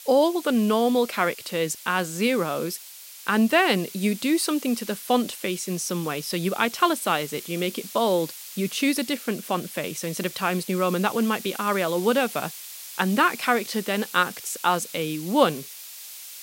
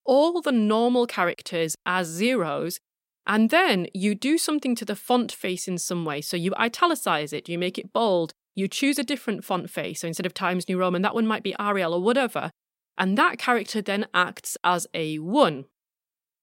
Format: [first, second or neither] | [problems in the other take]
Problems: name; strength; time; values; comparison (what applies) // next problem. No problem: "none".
second | hiss; noticeable; throughout; 15 dB below the speech